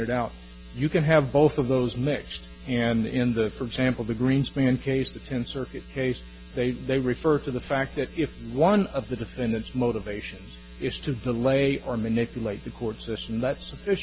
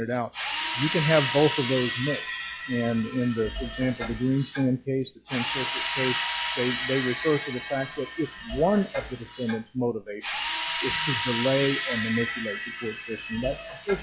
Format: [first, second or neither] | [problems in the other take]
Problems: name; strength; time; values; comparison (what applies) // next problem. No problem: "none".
first | noise reduction (classical method log-MMSE)